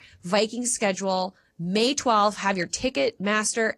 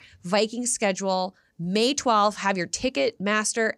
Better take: second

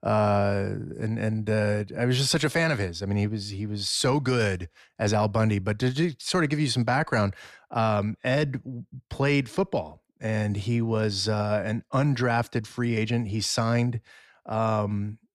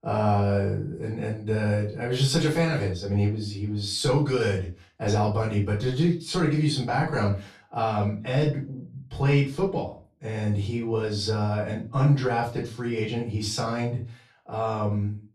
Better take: first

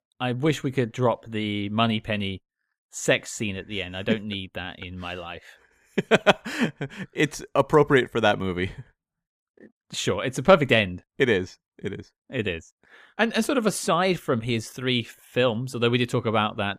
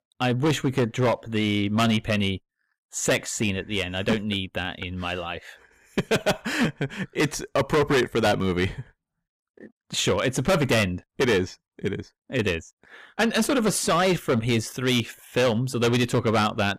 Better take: first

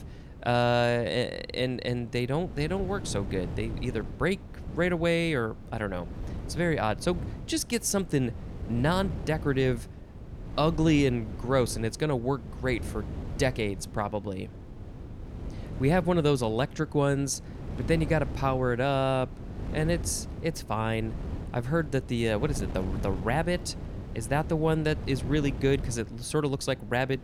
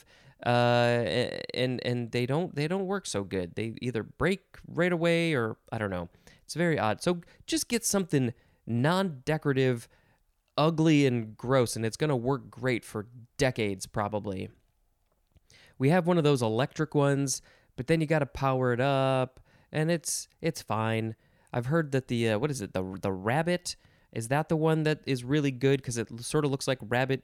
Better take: second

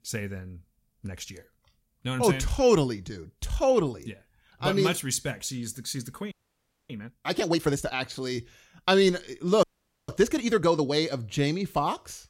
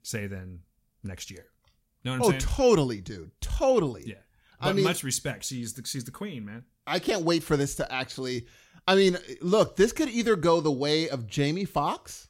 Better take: second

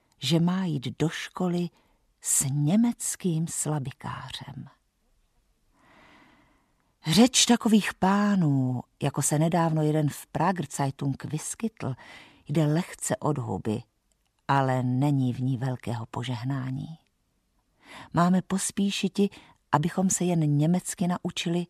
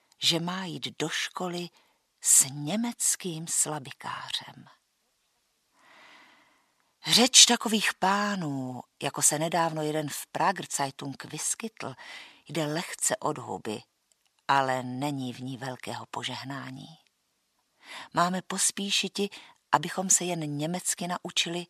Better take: first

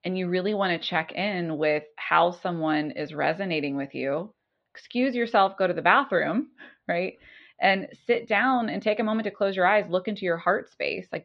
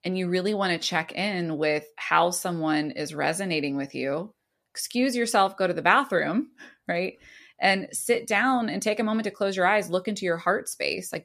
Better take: second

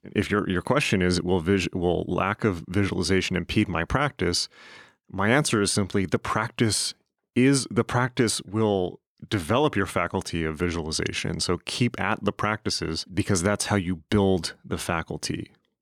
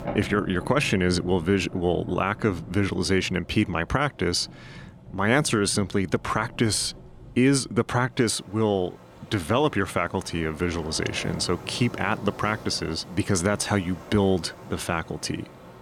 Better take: first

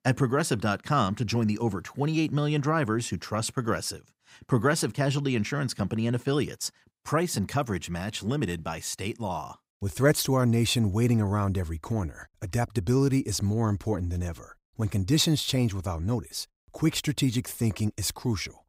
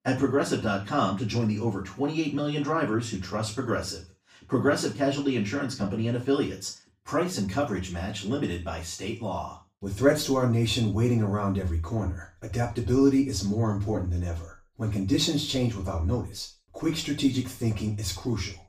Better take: first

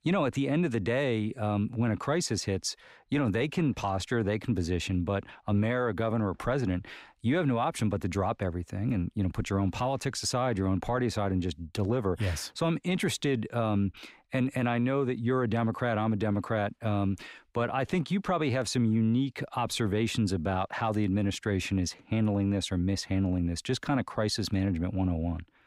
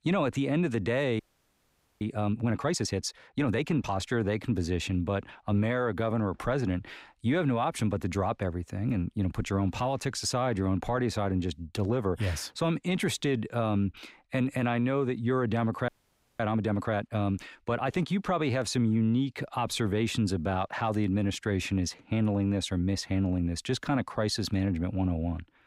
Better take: first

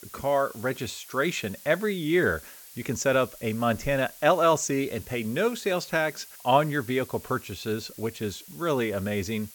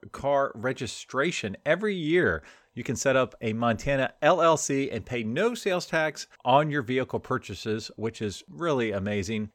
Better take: second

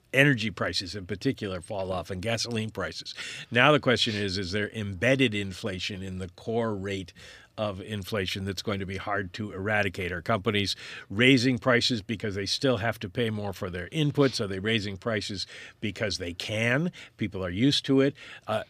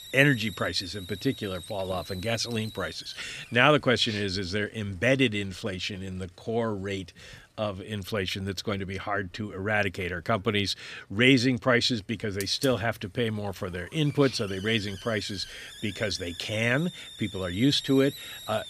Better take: first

